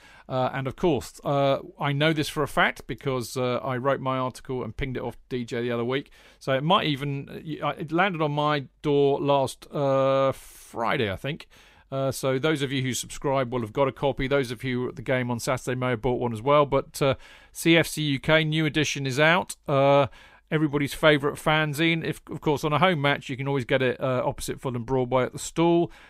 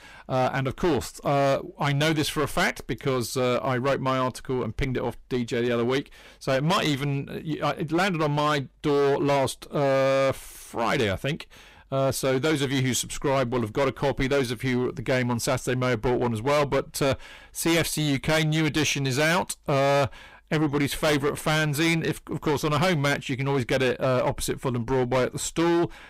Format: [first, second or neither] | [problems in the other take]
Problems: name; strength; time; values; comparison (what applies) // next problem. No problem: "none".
first | distortion; heavy; 17% of the sound clipped